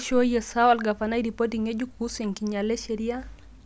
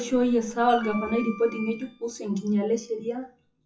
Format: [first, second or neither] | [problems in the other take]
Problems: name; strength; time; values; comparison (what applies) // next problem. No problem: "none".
first | noise reduction (classical method WPE with log-MMSE)